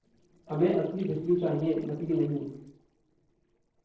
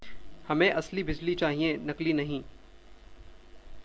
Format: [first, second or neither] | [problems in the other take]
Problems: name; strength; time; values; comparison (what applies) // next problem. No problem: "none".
second | noise reduction (neural separator model SepFormer DNS4)